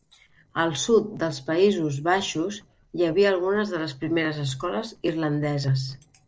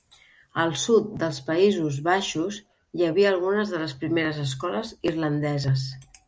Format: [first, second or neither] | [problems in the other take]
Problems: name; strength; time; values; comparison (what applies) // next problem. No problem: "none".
second | noise reduction (neural separator model SepFormer DNS4)